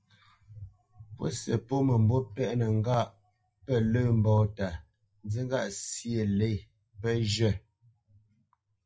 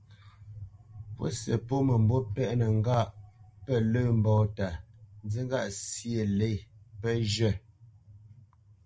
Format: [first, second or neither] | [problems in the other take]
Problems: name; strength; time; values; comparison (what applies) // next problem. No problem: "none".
second | noise reduction (classical method log-MMSE)